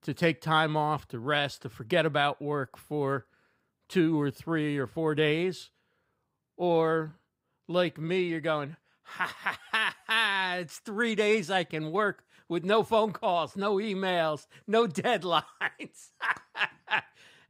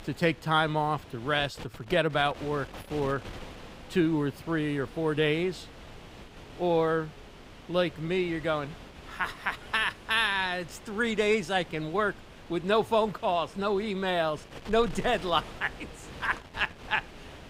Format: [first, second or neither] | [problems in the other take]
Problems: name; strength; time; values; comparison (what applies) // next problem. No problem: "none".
first | wind noise on the microphone; occasional gusts; 20 dB below the speech